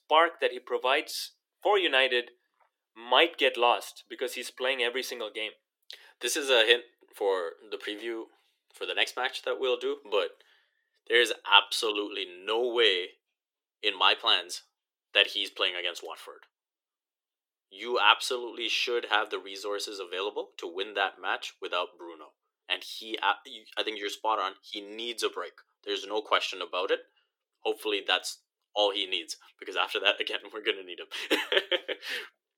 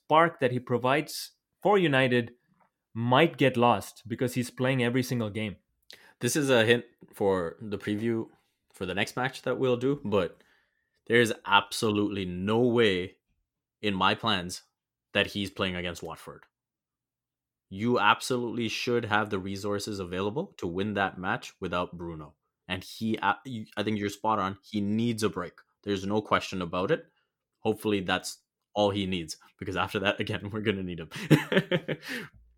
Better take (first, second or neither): second